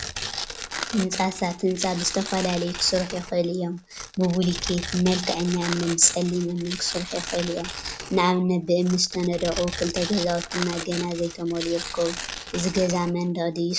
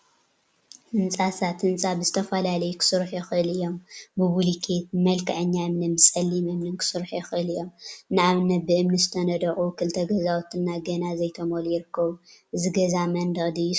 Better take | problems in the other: second | background sound (Tearing); 10 dB below the speech

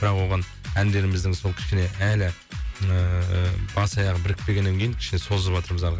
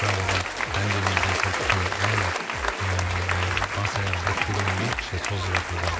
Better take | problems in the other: first | background sound (Applause); 2 dB above the speech

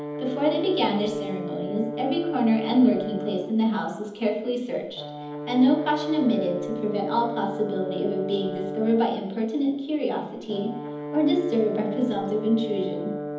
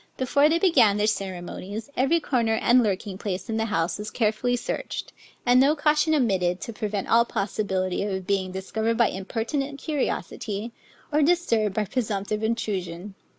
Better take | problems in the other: second | background sound (Brass instrument); 8 dB below the speech // room echo; dies away in 1.3 s

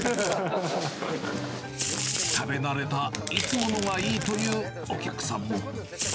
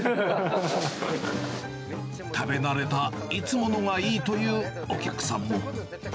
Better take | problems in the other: second | background sound (Domestic sounds, home sounds); 5 dB below the speech

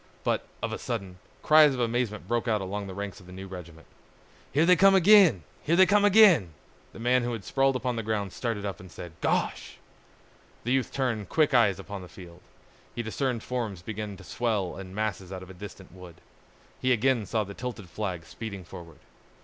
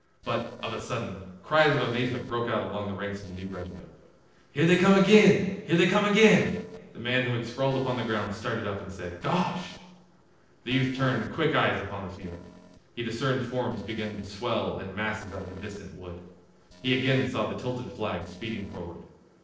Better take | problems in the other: first | noise reduction (neural separator model SepFormer DNS4)

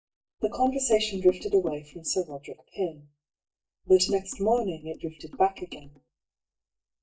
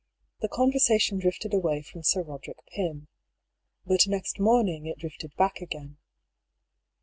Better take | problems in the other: second | noise reduction (neural mask model DeepFilterNet 3)

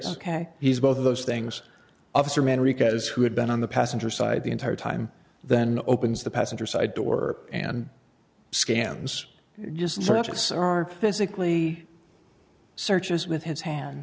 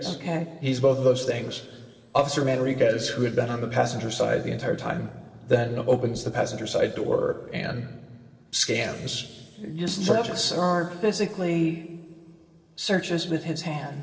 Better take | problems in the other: first | noise reduction (neural separator model SepFormer DNS4)

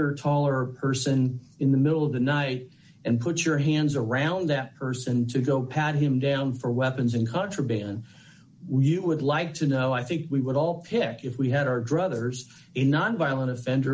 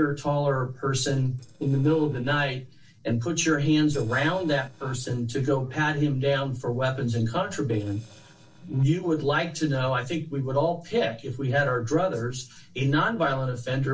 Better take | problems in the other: first | noise reduction (neural separator model SepFormer DNS4)

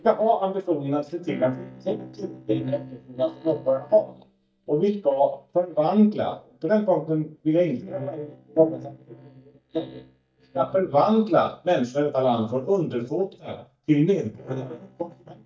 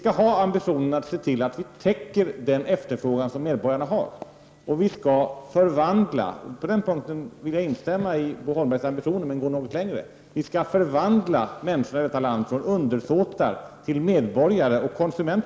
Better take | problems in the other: second | noise reduction (neural mask model DeepFilterNet 3)

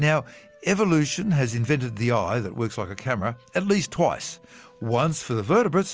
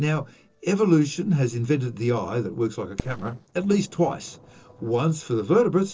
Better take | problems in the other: first | noise reduction (neural separator model SepFormer DNS4)

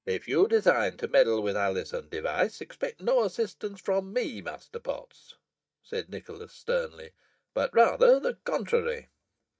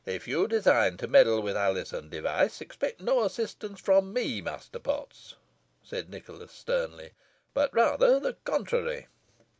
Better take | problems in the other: second | noise reduction (neural mask model DeepFilterNet 3)

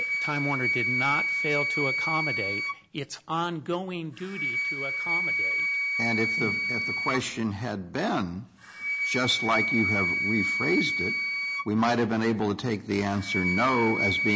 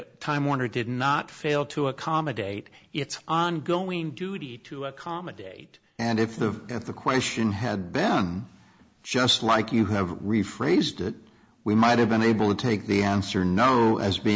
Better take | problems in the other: second | background sound (Wind instrument, woodwind instrument); as loud as the speech

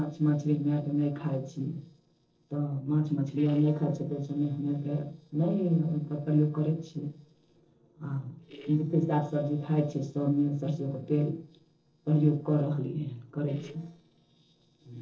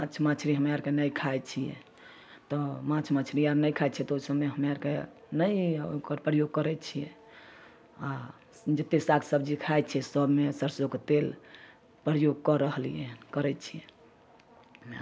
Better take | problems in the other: second | noise reduction (neural separator model SepFormer DNS4)

